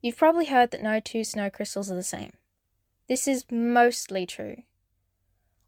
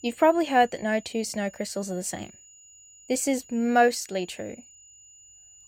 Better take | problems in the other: first | high-pitched whine; faint; throughout; 7 kHz, 25 dB below the speech

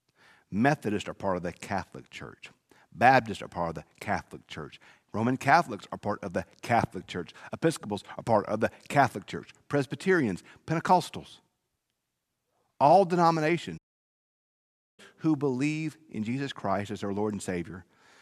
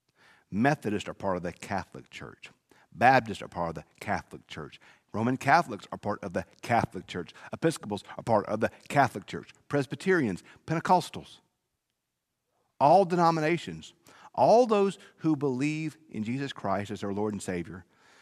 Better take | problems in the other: second | audio cutting out; at 14 s for 1 s

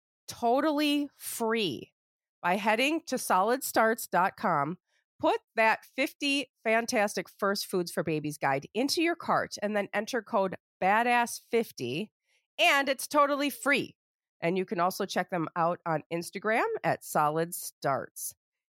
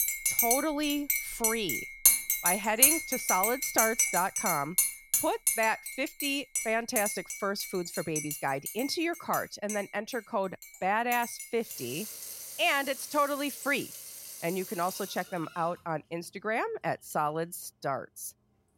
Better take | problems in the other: first | household noises; very loud; throughout; 2 dB above the speech

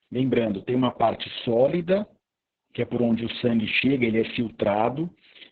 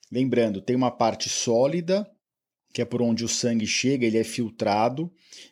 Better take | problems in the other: second | garbled, watery; badly; nothing above 4 kHz

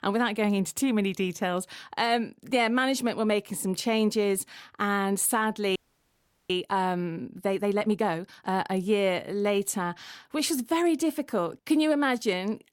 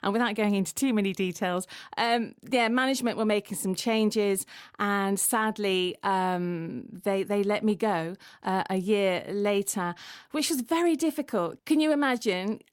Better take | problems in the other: second | audio freezing; at 6 s for 0.5 s

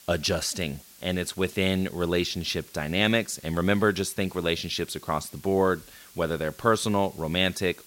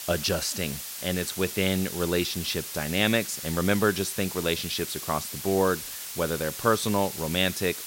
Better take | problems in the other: first | hiss; loud; throughout; 7 dB below the speech; faint in the first

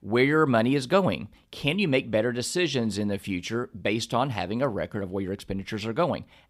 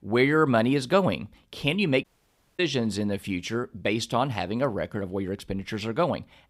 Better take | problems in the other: first | audio cutting out; at 2 s for 0.5 s

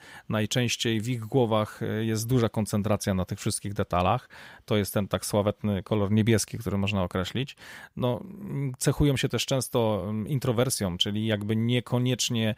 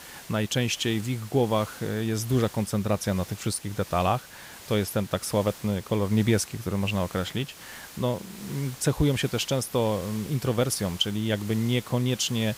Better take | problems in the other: first | hiss; noticeable; throughout; 15 dB below the speech

